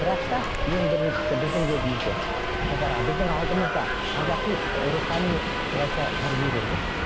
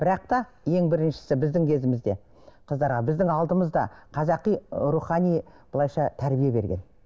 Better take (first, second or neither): second